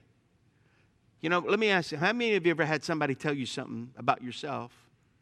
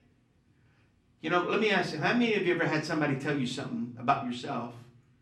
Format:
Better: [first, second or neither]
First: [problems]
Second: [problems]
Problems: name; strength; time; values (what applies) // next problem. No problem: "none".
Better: first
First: none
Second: room echo; slight; dies away in 0.4 s // off-mic speech; far